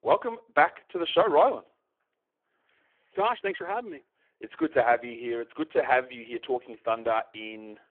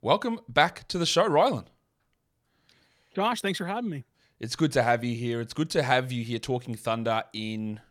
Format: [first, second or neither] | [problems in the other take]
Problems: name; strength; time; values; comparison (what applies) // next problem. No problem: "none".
second | phone-call audio; poor line